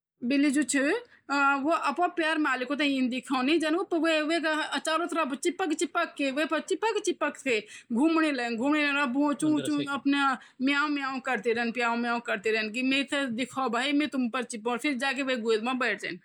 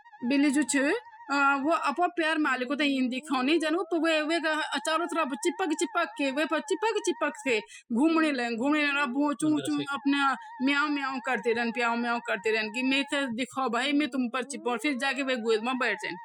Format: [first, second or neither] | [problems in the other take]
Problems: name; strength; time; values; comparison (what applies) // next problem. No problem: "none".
first | noise reduction (classical method spectral subtraction)